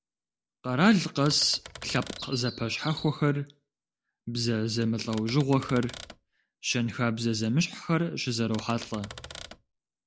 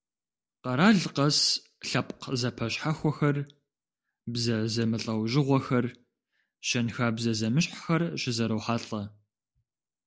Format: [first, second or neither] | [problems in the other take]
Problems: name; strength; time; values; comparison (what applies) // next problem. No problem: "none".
second | background sound (Bird + Typewriter); 15 dB below the speech